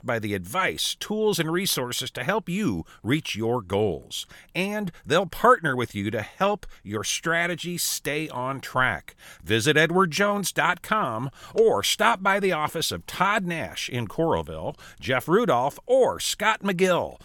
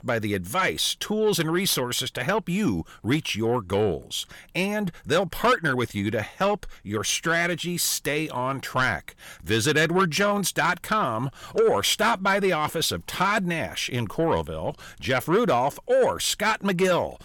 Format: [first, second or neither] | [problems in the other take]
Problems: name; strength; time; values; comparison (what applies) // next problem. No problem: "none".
first | distortion; slight; 10 dB below the speech